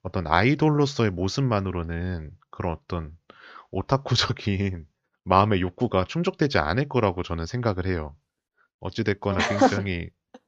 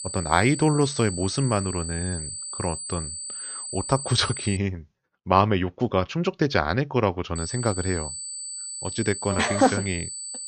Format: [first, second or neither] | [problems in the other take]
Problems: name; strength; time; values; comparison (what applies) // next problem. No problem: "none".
first | high-pitched whine; loud; until 4.5 s and from 7.5 s on; 8 kHz, 7 dB below the speech